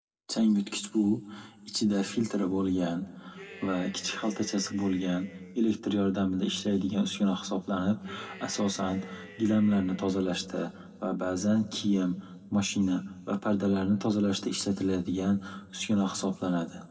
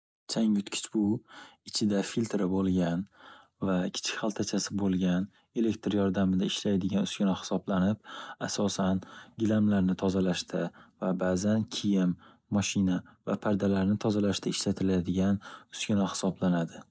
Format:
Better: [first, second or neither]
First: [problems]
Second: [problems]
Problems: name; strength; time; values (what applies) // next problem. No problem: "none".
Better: second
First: background sound (Cheering); 20 dB below the speech // room echo; dies away in 0.9 s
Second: none